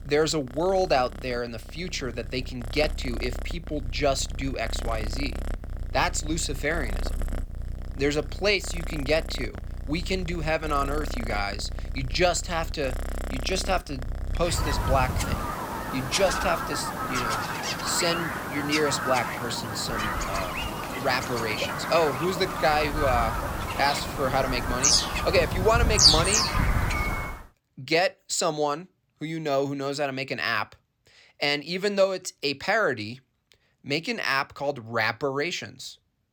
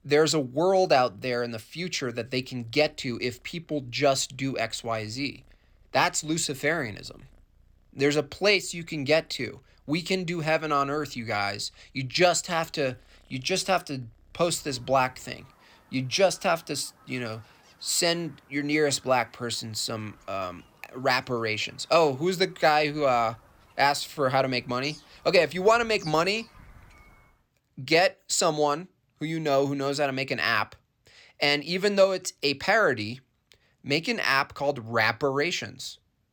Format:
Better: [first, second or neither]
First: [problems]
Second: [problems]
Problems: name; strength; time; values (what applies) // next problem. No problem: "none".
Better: second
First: animal sounds; loud; until 27 s; 1 dB below the speech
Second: animal sounds; faint; until 27 s; 30 dB below the speech